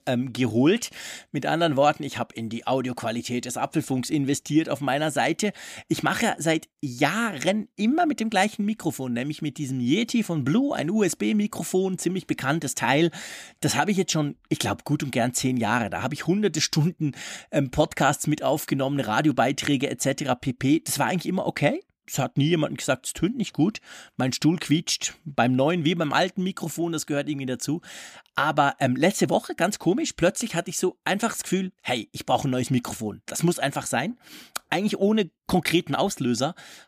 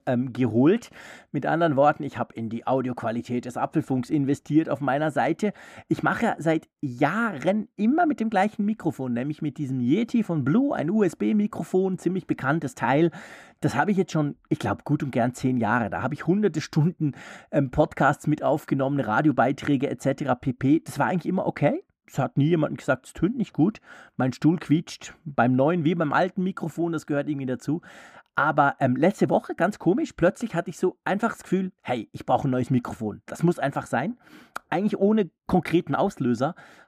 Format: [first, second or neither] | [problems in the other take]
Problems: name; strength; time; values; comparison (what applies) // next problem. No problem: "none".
first | muffled; slightly; fading above 2 kHz